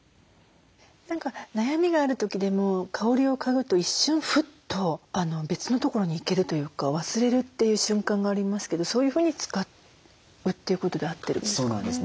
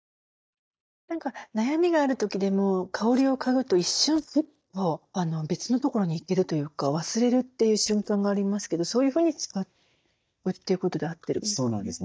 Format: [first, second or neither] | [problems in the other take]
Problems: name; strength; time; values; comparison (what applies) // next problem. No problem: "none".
first | noise reduction (neural mask model DeepFilterNet 3)